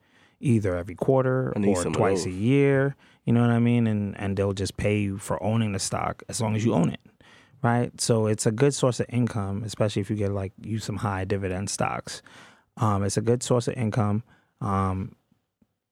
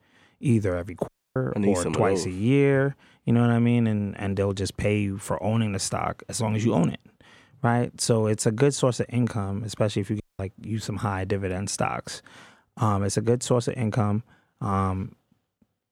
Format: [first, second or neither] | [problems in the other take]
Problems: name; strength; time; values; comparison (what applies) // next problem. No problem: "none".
first | audio cutting out; at 1 s and at 10 s